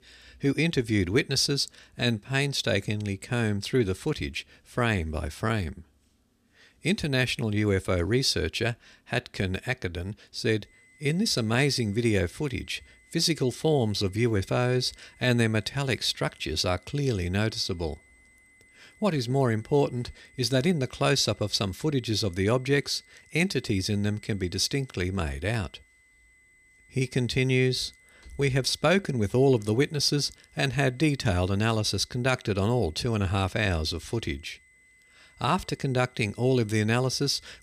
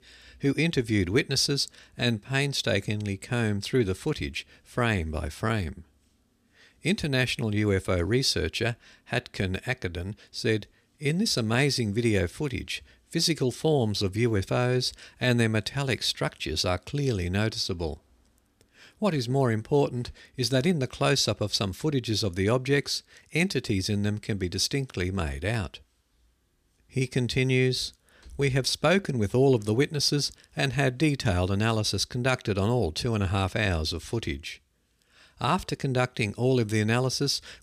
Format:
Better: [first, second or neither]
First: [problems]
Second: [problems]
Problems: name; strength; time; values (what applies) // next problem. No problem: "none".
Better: second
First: high-pitched whine; faint; from 11 s on; 2 kHz, 30 dB below the speech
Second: none